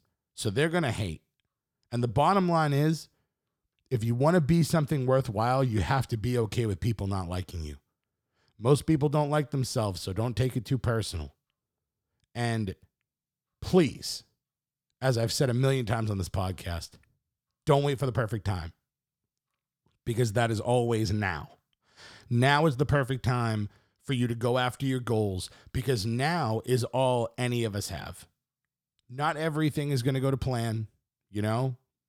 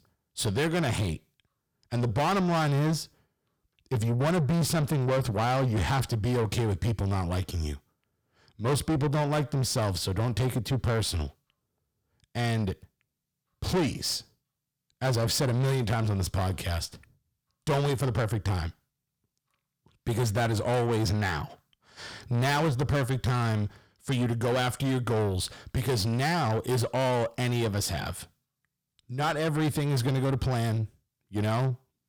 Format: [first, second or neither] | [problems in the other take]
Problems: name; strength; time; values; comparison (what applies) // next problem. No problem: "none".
first | distortion; heavy; 7 dB below the speech